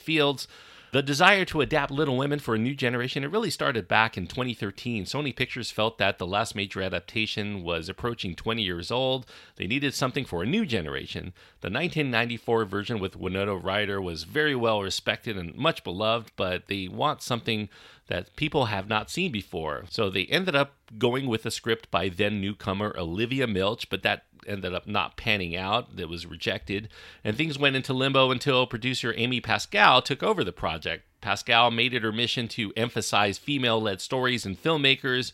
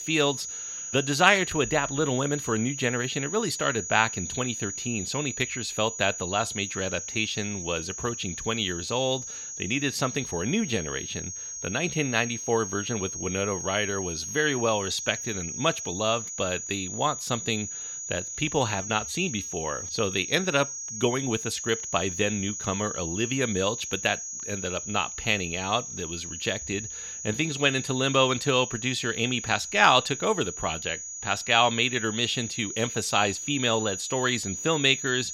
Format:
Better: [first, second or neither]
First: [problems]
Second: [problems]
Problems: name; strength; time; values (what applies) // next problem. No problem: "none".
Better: first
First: none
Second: high-pitched whine; loud; throughout; 6.5 kHz, 6 dB below the speech